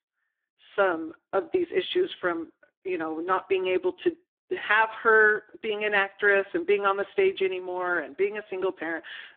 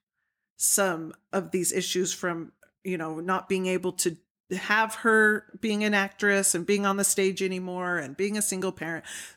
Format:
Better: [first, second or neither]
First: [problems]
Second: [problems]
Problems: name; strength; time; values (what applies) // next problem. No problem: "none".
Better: second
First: phone-call audio; poor line; nothing above 3.5 kHz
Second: none